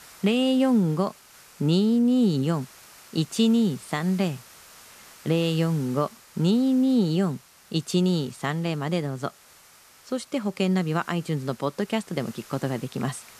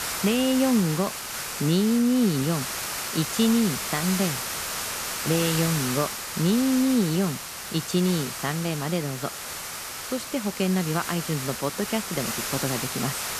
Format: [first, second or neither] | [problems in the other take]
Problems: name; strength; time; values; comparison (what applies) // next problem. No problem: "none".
first | hiss; loud; throughout; 4 dB below the speech; faint in the first